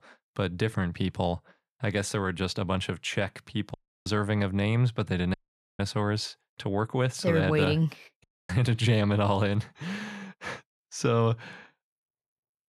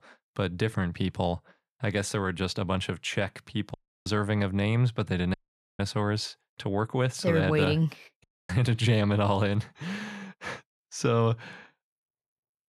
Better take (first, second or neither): neither